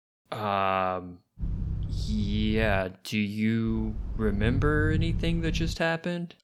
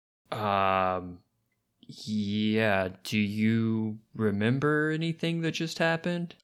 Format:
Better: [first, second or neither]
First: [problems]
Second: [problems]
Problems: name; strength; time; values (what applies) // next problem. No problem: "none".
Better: second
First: low rumble; noticeable; from 1.5 to 3 s and from 3.5 to 5.5 s; 15 dB below the speech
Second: none